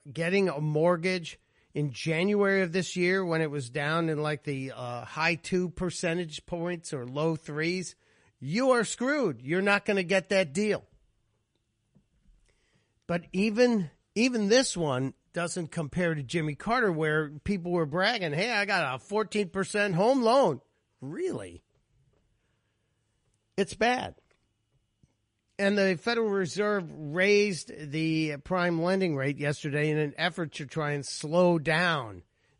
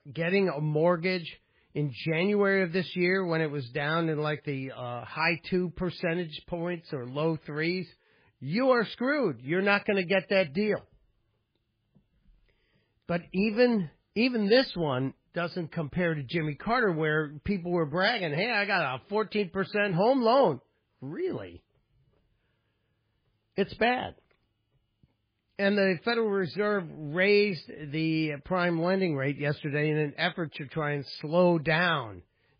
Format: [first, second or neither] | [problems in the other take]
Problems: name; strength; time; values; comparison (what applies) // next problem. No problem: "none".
first | garbled, watery; badly; nothing above 4.5 kHz; slightly in the first